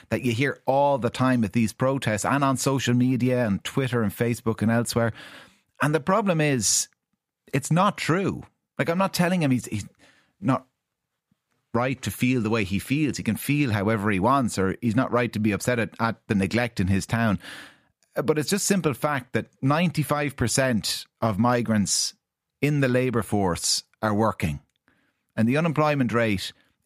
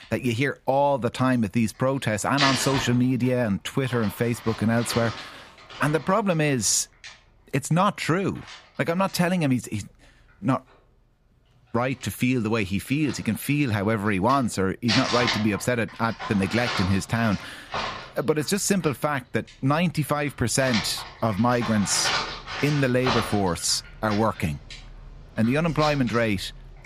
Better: first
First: none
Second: household noises; loud; throughout; 7 dB below the speech

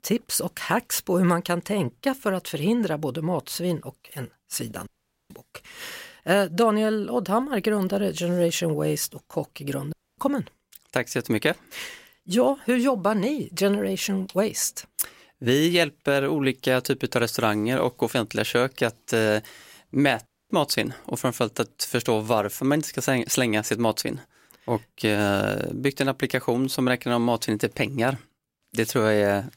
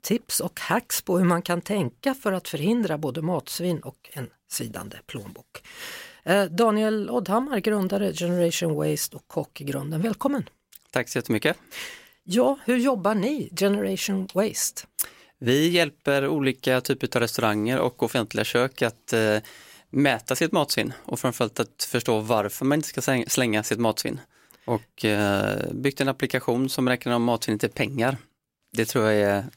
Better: second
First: audio cutting out; at 5 s, at 10 s and at 20 s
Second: none

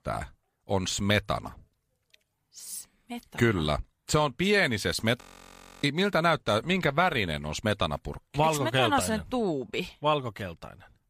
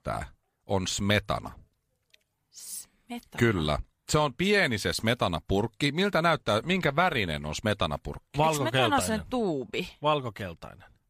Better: second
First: audio freezing; at 5 s for 0.5 s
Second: none

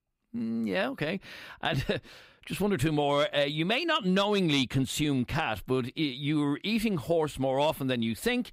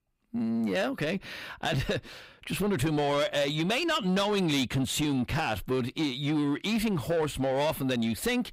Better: first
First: none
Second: distortion; slight; 10 dB below the speech

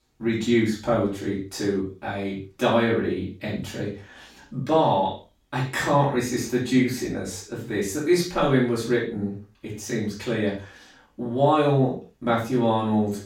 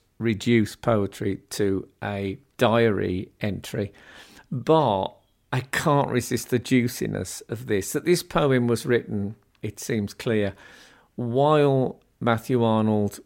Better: second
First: room echo; noticeable; dies away in 0.3 s // off-mic speech; far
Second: none

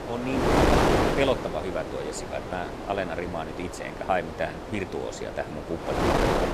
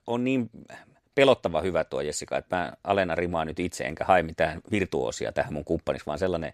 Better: second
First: wind noise on the microphone; heavy; 3 dB above the speech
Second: none

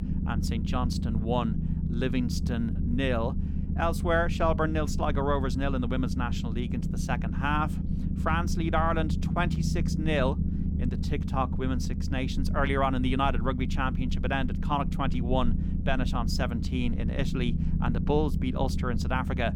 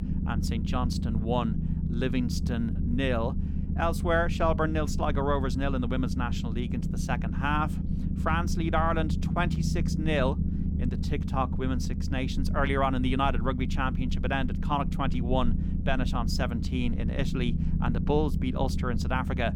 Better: neither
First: low rumble; noticeable; throughout; 10 dB below the speech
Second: low rumble; noticeable; throughout; 10 dB below the speech

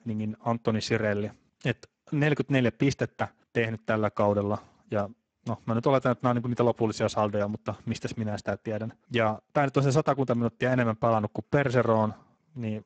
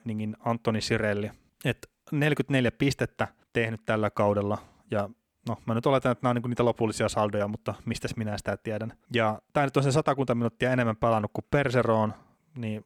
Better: second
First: garbled, watery; badly; nothing above 8 kHz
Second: none

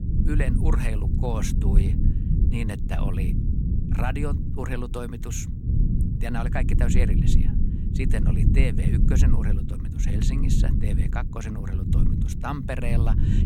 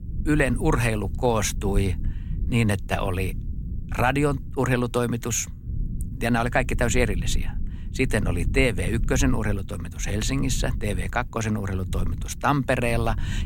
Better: second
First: low rumble; loud; throughout; 3 dB below the speech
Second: low rumble; faint; throughout; 20 dB below the speech

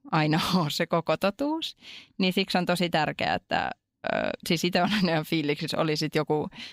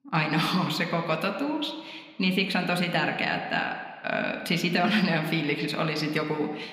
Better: first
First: none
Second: room echo; slight; dies away in 1.5 s

